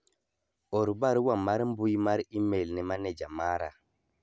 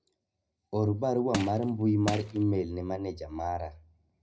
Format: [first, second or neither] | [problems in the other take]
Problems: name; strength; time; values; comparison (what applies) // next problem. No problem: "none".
first | background sound (Crushing); 8 dB below the speech // room echo; dies away in 0.4 s